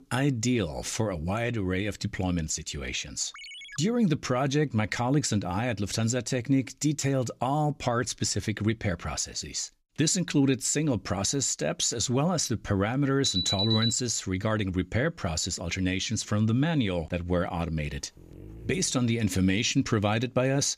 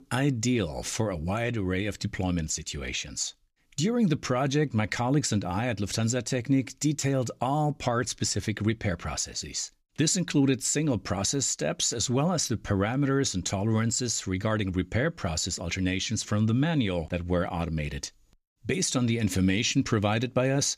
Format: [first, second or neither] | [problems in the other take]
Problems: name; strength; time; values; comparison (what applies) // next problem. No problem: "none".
second | phone ringing; faint; at 3.5 s; peak 15 dB below the speech // alarm; loud; at 13 s; peak 2 dB above the speech // dog barking; faint; at 18 s; peak 20 dB below the speech